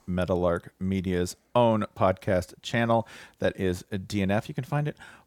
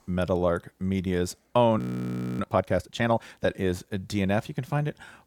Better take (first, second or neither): first